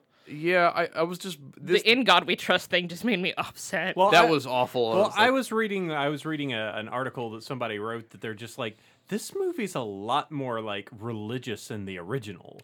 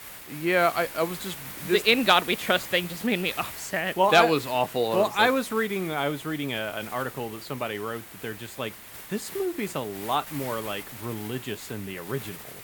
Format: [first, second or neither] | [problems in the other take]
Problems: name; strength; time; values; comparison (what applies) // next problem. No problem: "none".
first | hiss; noticeable; throughout; 15 dB below the speech